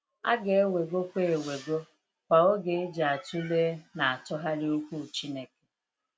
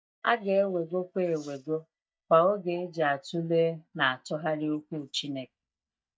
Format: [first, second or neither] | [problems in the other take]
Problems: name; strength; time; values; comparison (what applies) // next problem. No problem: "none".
first | noise reduction (neural mask model DeepFilterNet 3)